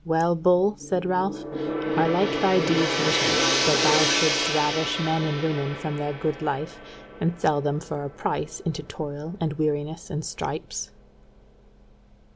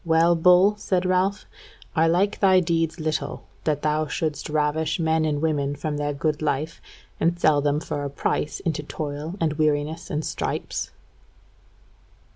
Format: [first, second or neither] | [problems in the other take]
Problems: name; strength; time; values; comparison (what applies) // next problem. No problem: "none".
second | background sound (Gong); 3 dB below the speech